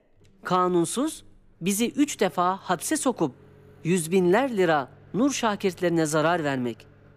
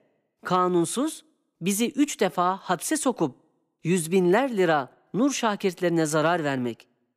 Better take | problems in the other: second | household noises; faint; throughout; 30 dB below the speech

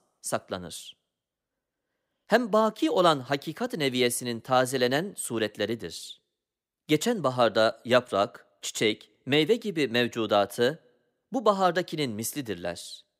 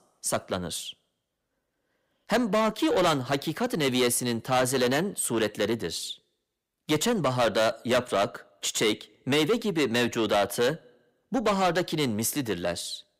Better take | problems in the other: first | distortion; heavy; 7 dB below the speech

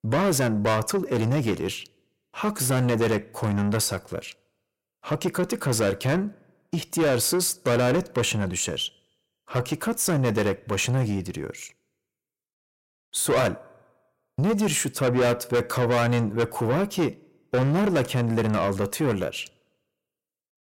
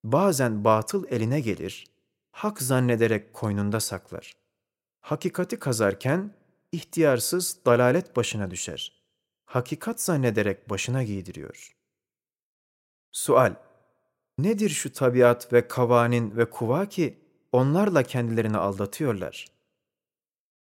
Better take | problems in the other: second | distortion; heavy; 6 dB below the speech

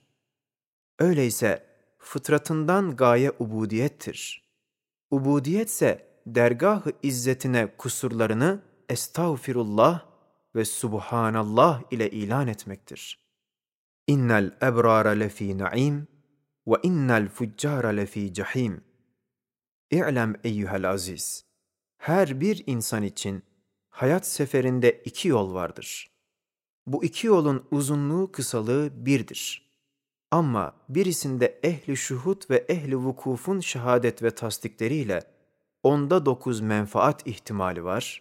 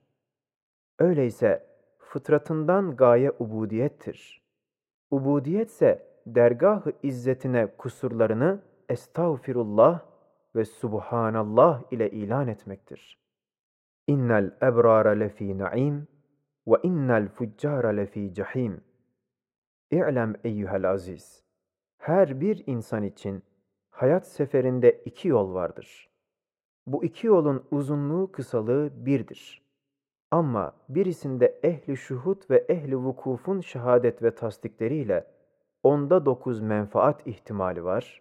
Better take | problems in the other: first | muffled; very; fading above 3 kHz

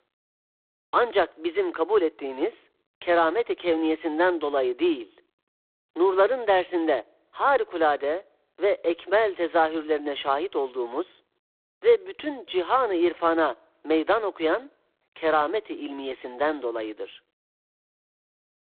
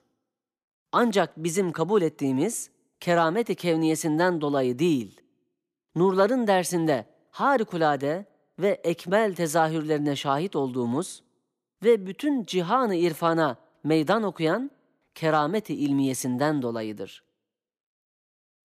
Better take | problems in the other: second | phone-call audio; poor line

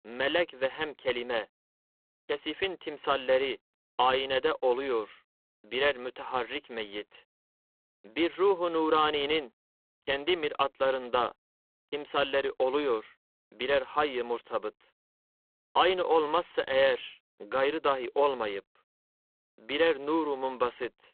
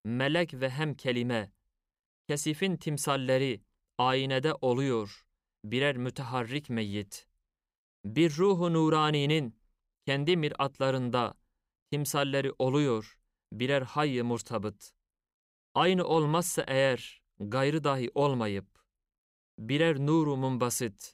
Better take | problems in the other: second | phone-call audio; poor line

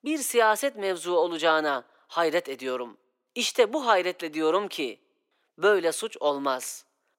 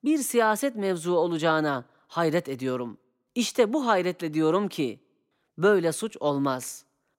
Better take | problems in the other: second | thin; somewhat; fading below 500 Hz

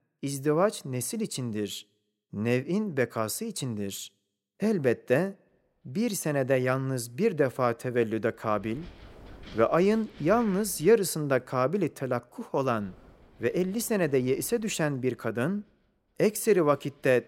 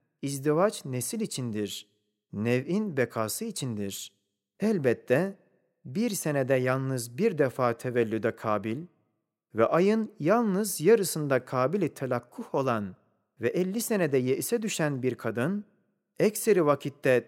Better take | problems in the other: second | wind noise on the microphone; occasional gusts; from 5.5 s on; 25 dB below the speech

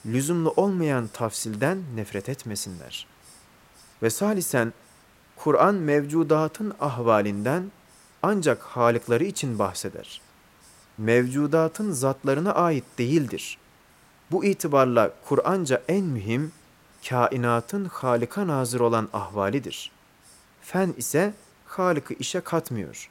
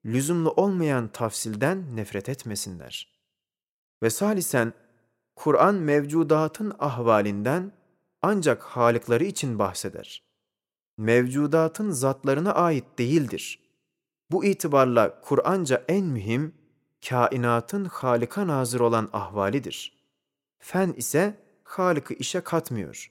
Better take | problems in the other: second | hiss; faint; throughout; 30 dB below the speech

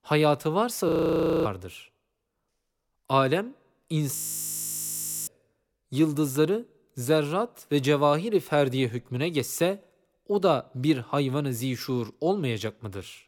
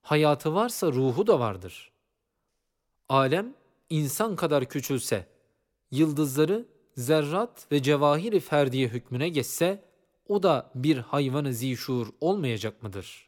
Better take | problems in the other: second | audio freezing; at 1 s for 0.5 s and at 4 s for 1 s

